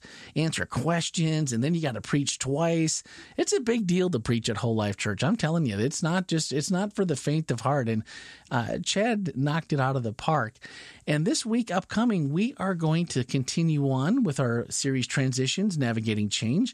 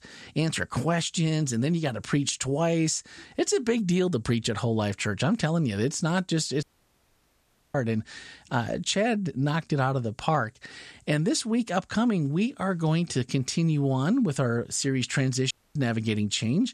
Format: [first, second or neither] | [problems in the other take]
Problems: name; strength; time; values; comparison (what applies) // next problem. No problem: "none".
first | audio cutting out; at 6.5 s for 1 s and at 16 s